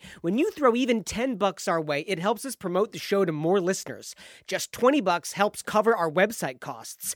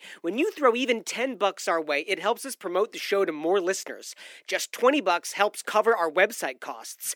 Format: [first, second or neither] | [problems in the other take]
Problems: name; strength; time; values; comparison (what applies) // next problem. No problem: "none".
first | thin; very slightly; fading below 300 Hz